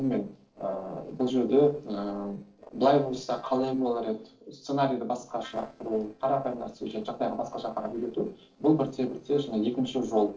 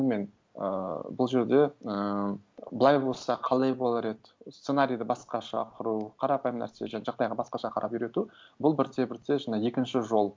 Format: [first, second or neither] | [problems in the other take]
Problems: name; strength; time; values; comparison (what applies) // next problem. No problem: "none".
second | noise reduction (neural separator model SepFormer DNS4)